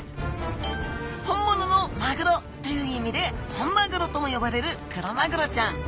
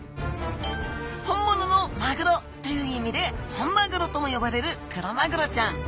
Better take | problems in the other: second | background sound (Boom); 16 dB below the speech

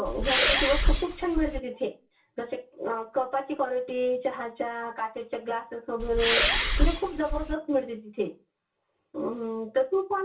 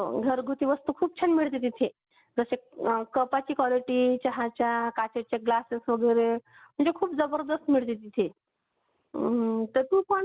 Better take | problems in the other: second | background sound (Respiratory sounds); 5 dB above the speech // room echo; dies away in 0.2 s

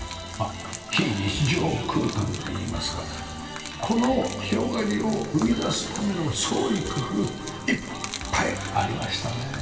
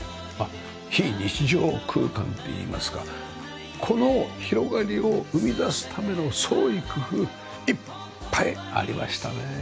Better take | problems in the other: second | background sound (Gurgling / Liquid); 14 dB below the speech // room echo; dies away in 2.4 s

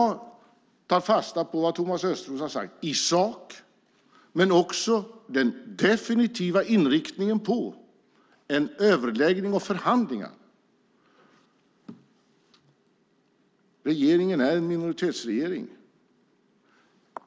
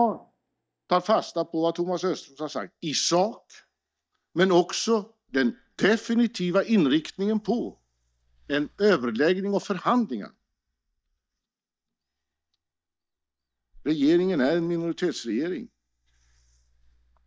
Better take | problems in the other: first | noise reduction (neural mask model DeepFilterNet 3)

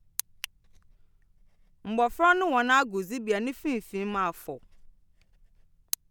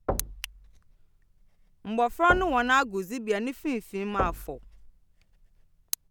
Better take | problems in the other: first | background sound (Knock / Wood / Percussion); 8 dB below the speech

